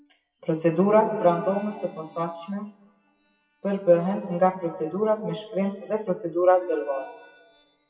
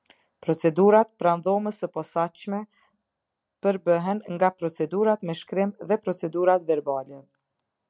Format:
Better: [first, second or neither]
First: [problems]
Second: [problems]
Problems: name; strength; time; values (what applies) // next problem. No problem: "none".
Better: second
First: noise reduction (classical method WPE with log-MMSE)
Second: none